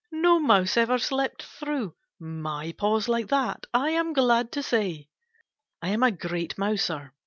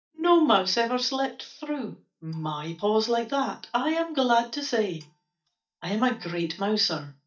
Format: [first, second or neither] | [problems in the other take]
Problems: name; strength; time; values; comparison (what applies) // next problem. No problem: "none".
first | noise reduction (neural mask model DeepFilterNet 3)